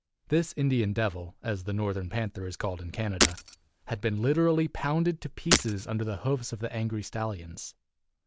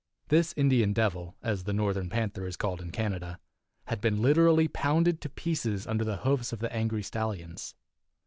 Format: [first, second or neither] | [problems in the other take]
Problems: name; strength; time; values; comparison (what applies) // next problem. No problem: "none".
second | background sound (Shatter); as loud as the speech